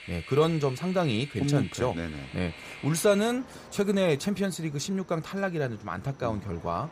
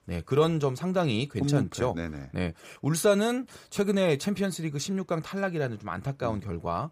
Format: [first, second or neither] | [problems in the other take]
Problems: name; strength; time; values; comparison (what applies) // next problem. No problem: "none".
second | train or aircraft noise; noticeable; throughout; 15 dB below the speech